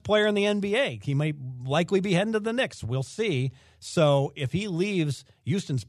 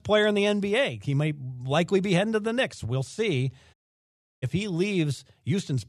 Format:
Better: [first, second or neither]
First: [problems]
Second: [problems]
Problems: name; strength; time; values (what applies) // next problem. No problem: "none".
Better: first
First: none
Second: audio cutting out; at 3.5 s for 0.5 s